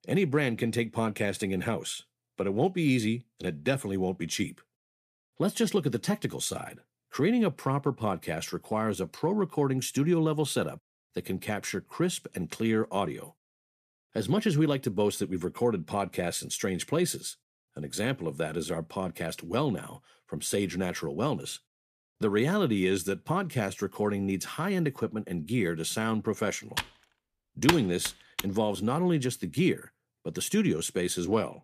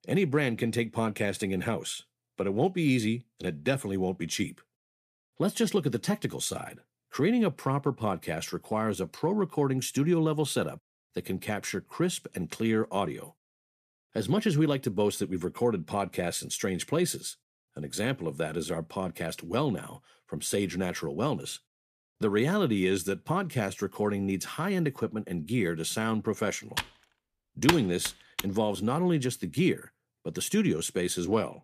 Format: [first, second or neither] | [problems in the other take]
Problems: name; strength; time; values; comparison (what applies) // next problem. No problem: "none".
neither | keyboard typing; loud; from 27 to 28 s; peak 1 dB above the speech; the same in both